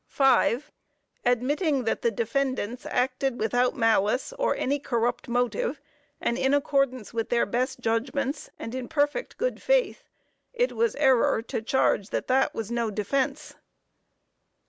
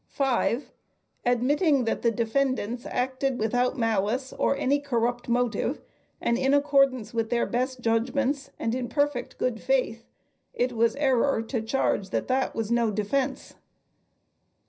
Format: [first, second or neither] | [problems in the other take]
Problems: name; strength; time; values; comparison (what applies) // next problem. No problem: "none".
first | room echo; dies away in 0.4 s